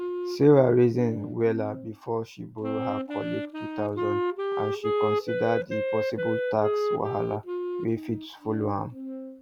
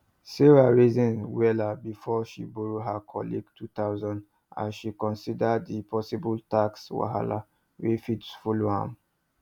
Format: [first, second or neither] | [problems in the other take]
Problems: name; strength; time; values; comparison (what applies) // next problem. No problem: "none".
second | background sound (Wind instrument, woodwind instrument); 3 dB below the speech